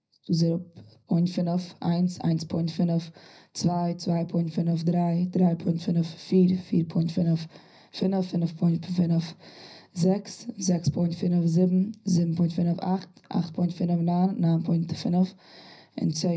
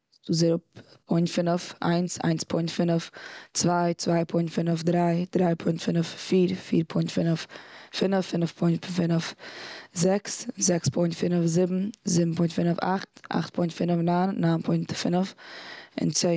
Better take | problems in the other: second | room echo; dies away in 0.3 s

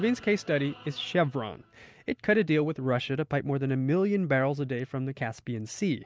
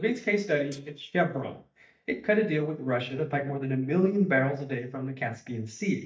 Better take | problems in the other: first | noise reduction (neural mask model DeepFilterNet 3)

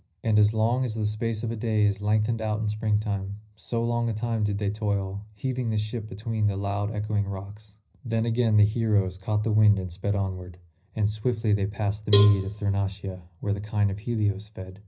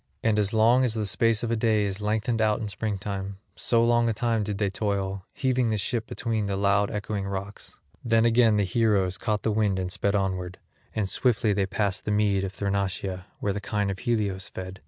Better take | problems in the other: second | background sound (Cowbell); 9 dB below the speech // room echo; dies away in 0.4 s

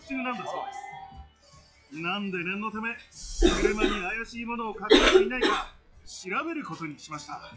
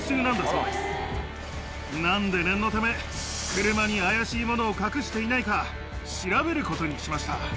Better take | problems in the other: second | noise reduction (classical method log-MMSE)

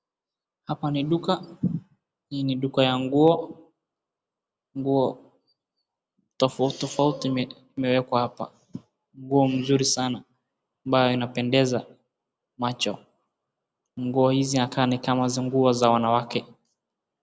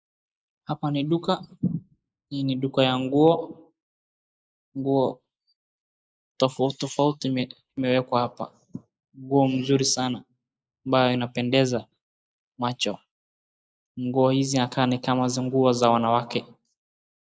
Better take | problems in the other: first | noise reduction (neural mask model Resemble Enhance denoiser)

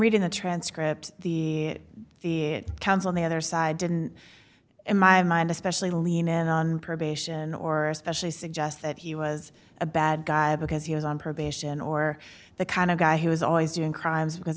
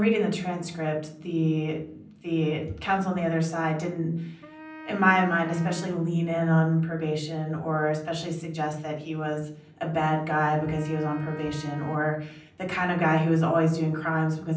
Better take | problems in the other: first | background sound (Wind instrument, woodwind instrument); 18 dB below the speech // room echo; dies away in 0.6 s

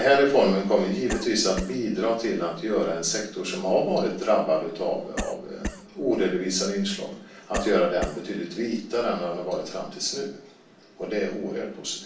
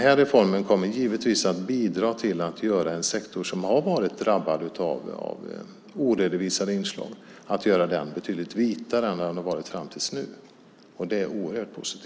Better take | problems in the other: second | background sound (Cough); 10 dB below the speech // room echo; dies away in 0.3 s

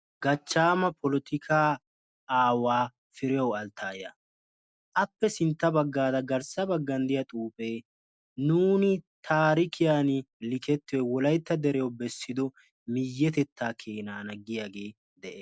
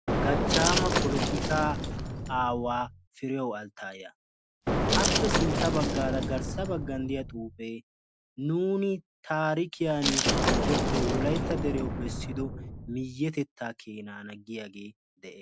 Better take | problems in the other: first | background sound (Glass + Explosion); 3 dB above the speech

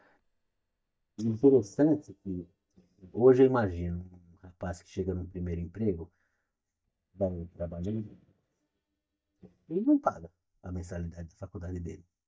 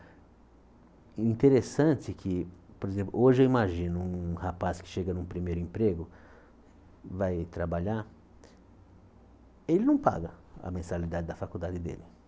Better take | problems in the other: second | noise reduction (neural mask model DeepFilterNet 3)

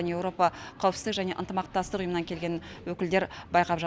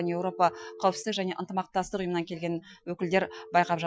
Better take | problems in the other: first | noise reduction (classical method Wiener filter)

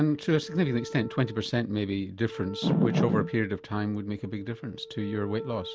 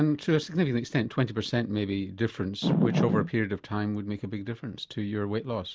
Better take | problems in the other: second | background sound (Wind instrument, woodwind instrument); 15 dB below the speech

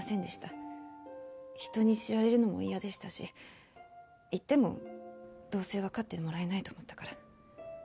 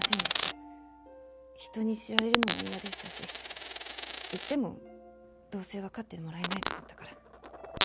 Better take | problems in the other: first | background sound (Coin (dropping)); 2 dB above the speech

